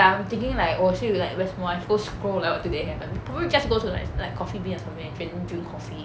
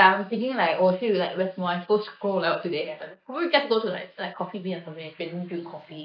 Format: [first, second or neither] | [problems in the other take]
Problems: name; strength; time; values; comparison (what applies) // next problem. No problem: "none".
first | noise reduction (neural mask model Resemble Enhance denoiser)